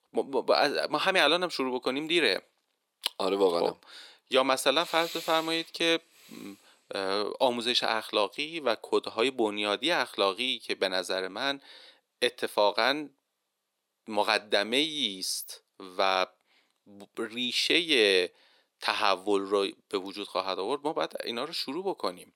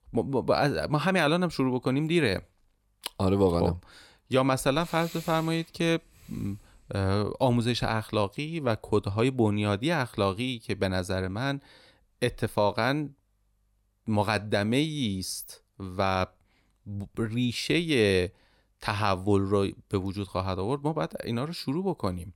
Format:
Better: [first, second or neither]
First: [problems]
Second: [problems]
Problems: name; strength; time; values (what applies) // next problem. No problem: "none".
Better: second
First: thin; somewhat; fading below 350 Hz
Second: none